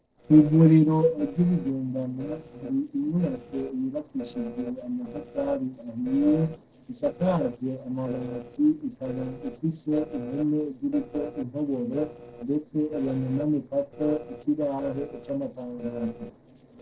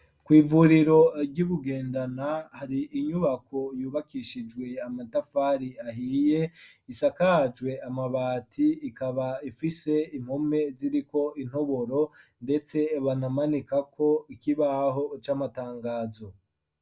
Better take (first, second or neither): second